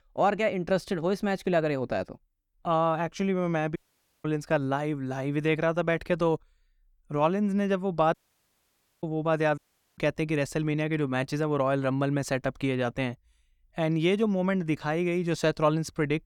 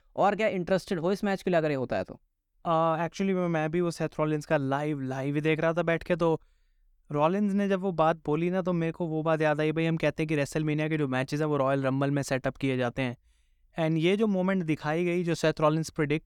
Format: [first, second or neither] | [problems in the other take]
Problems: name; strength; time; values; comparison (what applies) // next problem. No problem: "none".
second | audio cutting out; at 4 s, at 8 s for 1 s and at 9.5 s